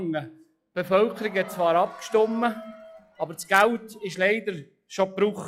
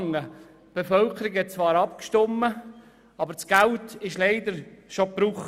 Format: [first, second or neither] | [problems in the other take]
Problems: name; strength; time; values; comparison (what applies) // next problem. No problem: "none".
second | noise reduction (classical method log-MMSE)